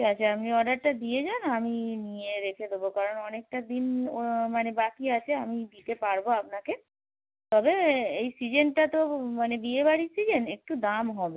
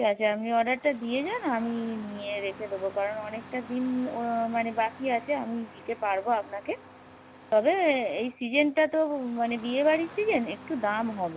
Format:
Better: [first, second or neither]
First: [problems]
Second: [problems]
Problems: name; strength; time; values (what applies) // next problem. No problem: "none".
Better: first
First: none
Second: background sound (Engine starting); 19 dB below the speech